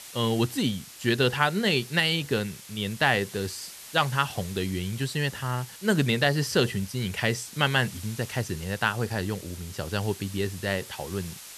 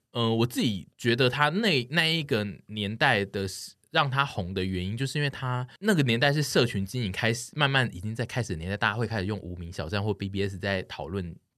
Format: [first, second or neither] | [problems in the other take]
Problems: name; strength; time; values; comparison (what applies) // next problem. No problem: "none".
second | hiss; noticeable; throughout; 15 dB below the speech